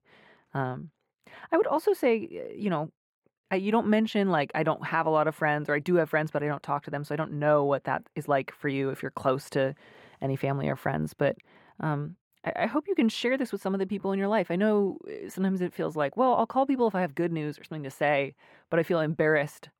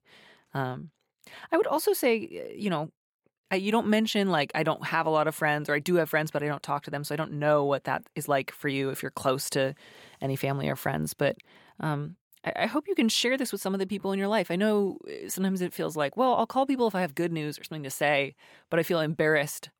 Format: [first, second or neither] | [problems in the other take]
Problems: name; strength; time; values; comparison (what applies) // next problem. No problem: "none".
second | muffled; slightly; fading above 3 kHz